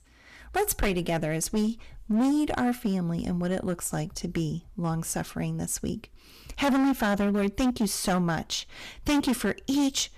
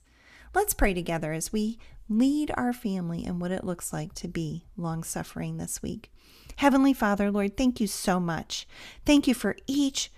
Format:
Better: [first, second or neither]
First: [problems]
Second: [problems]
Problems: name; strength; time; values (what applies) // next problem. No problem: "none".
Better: second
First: distortion; heavy; 11% of the sound clipped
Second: none